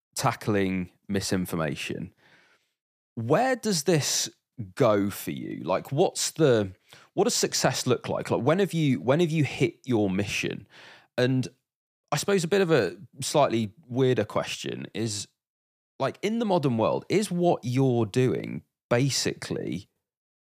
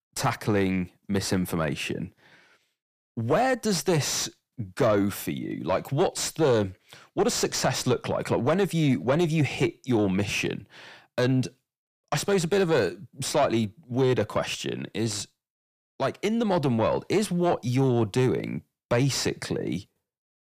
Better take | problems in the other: first | distortion; slight; 10 dB below the speech

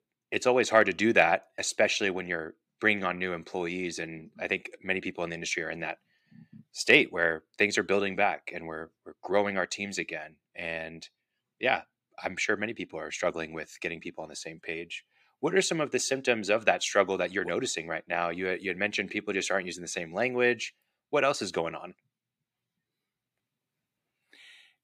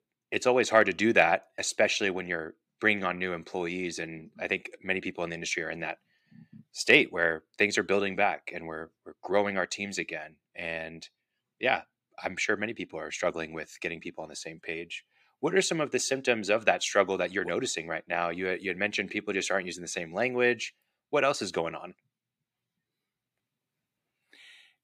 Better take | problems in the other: neither | thin; somewhat; fading below 250 Hz; the same in both

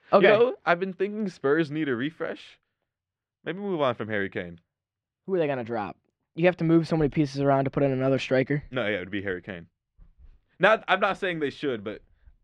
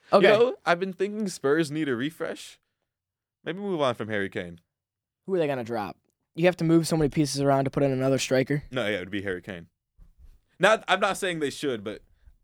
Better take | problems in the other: second | muffled; slightly; fading above 2.5 kHz

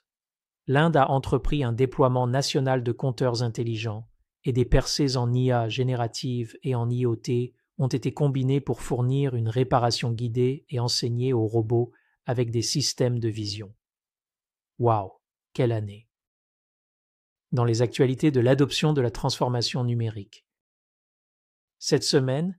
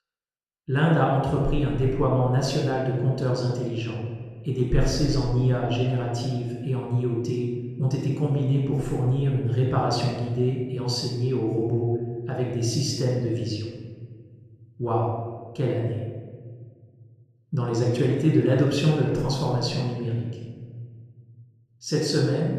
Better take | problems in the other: first | off-mic speech; somewhat distant // room echo; noticeable; dies away in 1.5 s

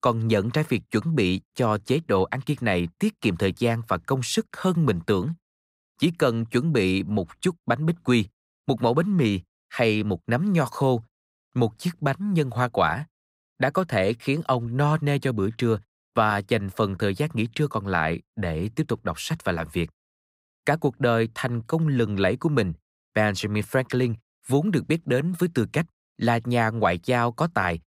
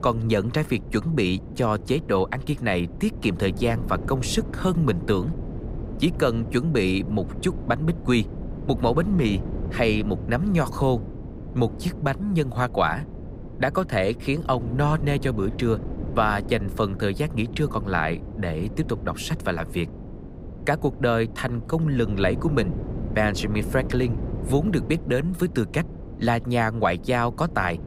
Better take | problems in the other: first | wind noise on the microphone; occasional gusts; 15 dB below the speech

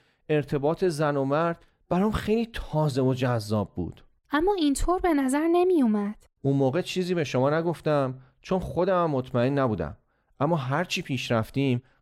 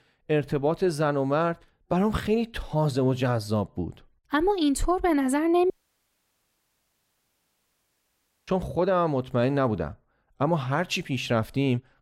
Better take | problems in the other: first | audio cutting out; at 5.5 s for 3 s

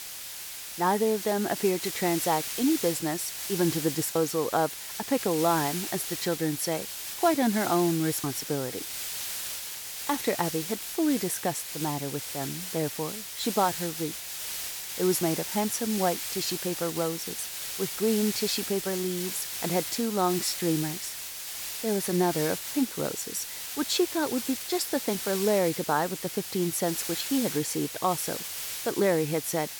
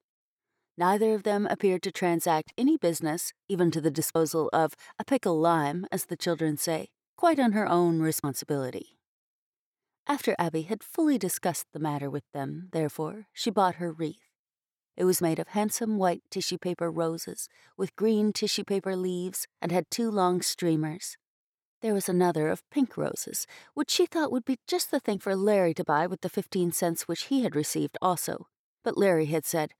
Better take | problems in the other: second | hiss; loud; throughout; 4 dB below the speech

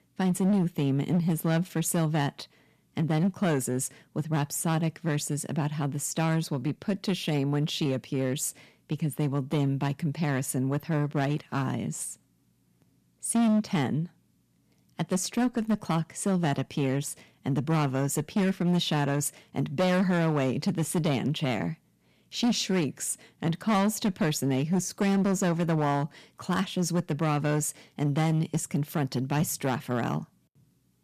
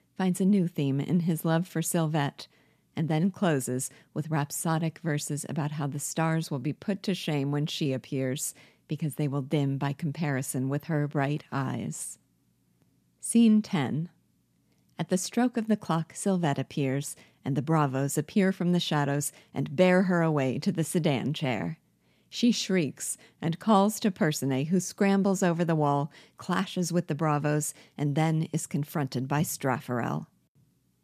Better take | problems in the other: second | distortion; slight; 7% of the sound clipped

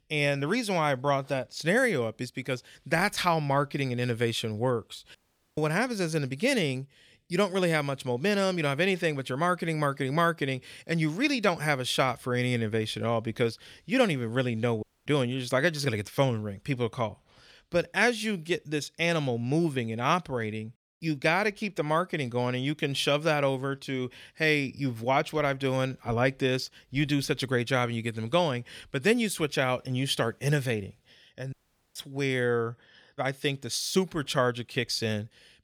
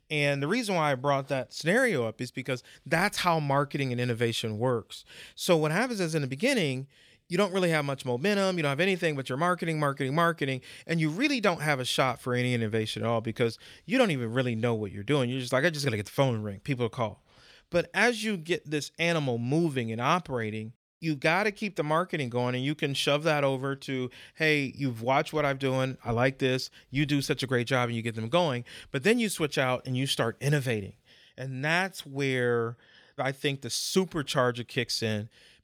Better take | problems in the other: second | audio cutting out; at 5 s, at 15 s and at 32 s

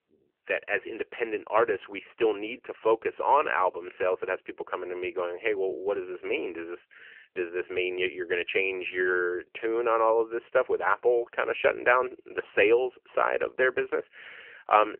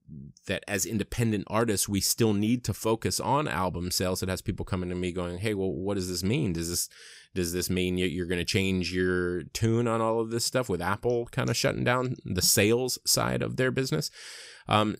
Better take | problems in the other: second | phone-call audio; nothing above 3 kHz

